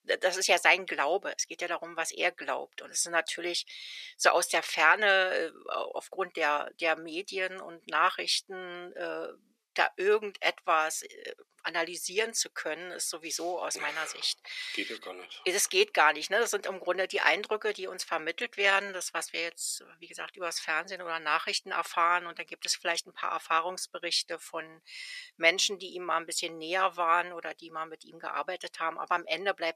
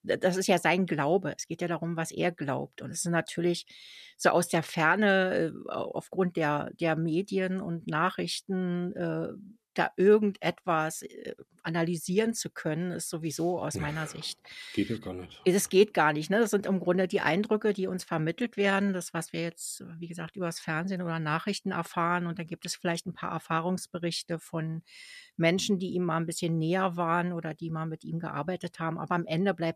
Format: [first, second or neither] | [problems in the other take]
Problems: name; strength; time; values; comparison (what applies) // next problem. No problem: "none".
second | thin; very; fading below 500 Hz